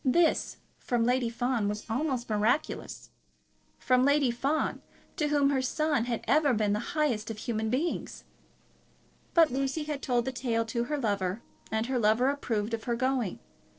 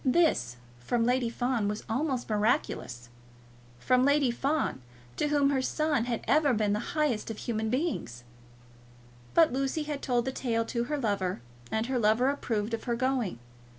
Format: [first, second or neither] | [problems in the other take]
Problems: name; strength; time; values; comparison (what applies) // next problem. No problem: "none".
second | noise reduction (neural separator model SepFormer DNS4)